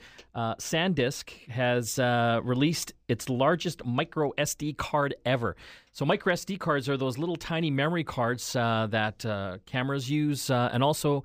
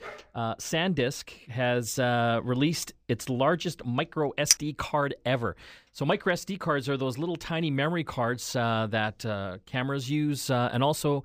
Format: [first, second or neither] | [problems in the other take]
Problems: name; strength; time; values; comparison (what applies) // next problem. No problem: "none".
first | dog barking; faint; at the start; peak 15 dB below the speech // clattering dishes; very faint; at 4.5 s; peak 5 dB above the speech